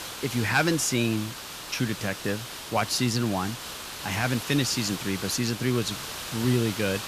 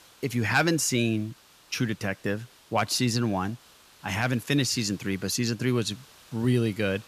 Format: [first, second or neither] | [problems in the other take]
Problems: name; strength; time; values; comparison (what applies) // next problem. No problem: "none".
second | hiss; loud; throughout; 8 dB below the speech; faint in the second